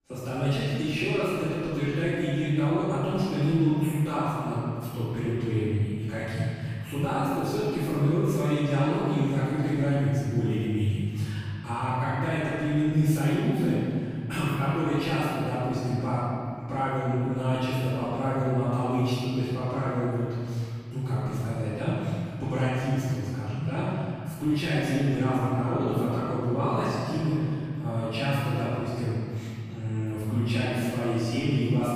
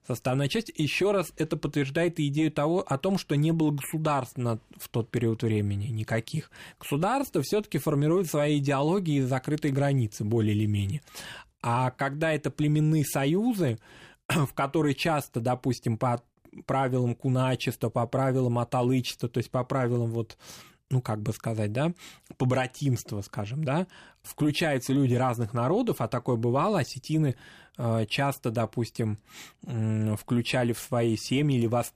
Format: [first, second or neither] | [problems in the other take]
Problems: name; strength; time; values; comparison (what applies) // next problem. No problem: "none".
second | off-mic speech; far // room echo; strong; dies away in 2.3 s